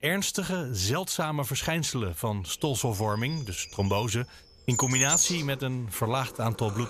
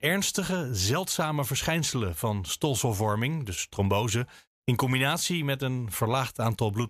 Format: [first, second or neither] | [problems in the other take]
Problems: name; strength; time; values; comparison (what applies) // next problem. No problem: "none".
second | animal sounds; very faint; throughout; 1 dB above the speech